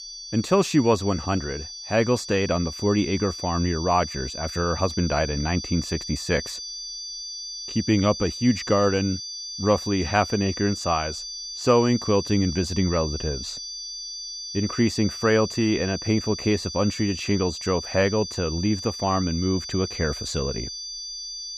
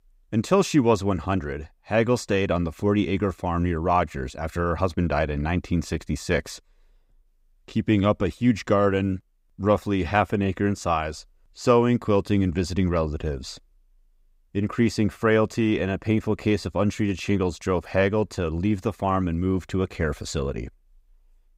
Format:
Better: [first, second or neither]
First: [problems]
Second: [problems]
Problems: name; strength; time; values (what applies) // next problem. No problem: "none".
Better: second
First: high-pitched whine; loud; throughout; 4.5 kHz, 8 dB below the speech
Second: none